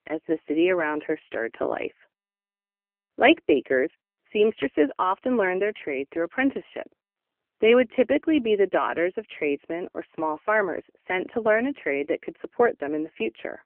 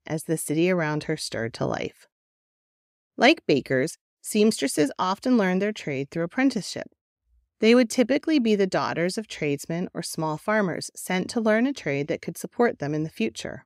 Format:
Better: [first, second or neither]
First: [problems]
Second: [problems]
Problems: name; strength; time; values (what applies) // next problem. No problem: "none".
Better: second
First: phone-call audio; poor line; nothing above 3 kHz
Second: none